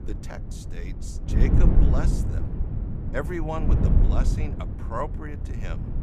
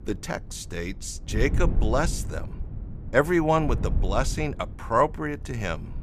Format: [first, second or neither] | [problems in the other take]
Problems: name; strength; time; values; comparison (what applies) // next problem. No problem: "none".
second | wind noise on the microphone; heavy; 3 dB below the speech; occasional gusts in the second